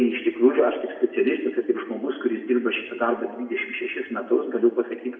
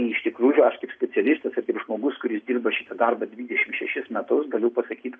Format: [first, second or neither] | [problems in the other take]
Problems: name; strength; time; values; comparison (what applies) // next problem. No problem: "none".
second | room echo; dies away in 1 s